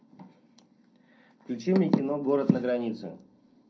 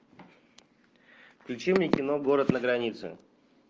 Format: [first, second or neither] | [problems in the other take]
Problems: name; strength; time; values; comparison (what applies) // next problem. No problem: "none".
second | room echo; dies away in 0.2 s